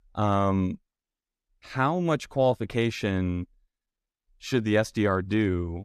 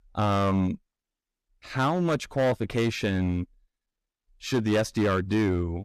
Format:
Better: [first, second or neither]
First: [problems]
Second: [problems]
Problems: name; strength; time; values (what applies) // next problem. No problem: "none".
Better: first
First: none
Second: distortion; slight; 8% of the sound clipped